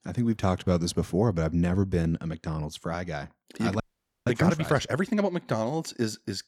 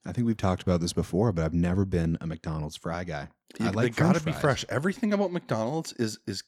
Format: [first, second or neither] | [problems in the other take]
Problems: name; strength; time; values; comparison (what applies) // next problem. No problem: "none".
second | audio freezing; at 4 s